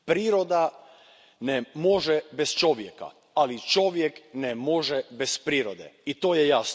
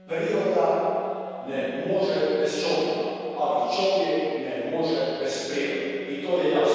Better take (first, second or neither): first